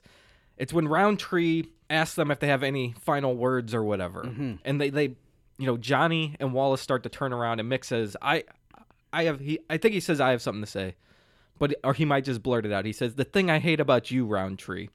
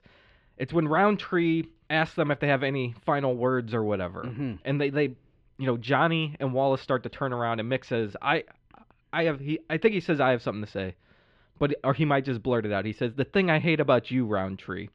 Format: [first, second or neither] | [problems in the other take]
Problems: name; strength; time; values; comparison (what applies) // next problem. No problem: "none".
first | muffled; slightly; fading above 3.5 kHz